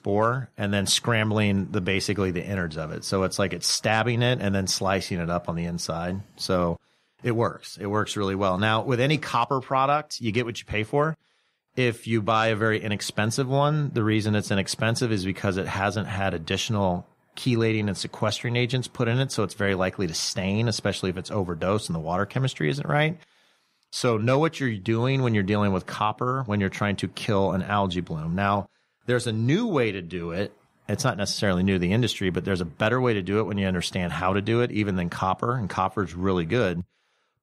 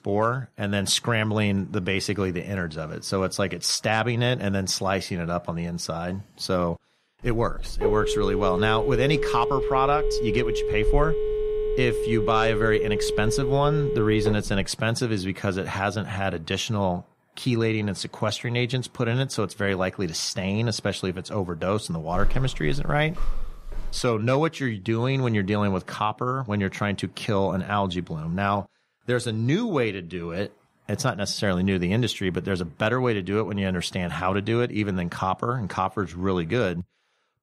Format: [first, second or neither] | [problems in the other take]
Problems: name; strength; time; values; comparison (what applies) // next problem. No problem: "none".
first | phone ringing; loud; from 7 to 15 s; peak level with the speech // footsteps; noticeable; from 22 to 24 s; peak 8 dB below the speech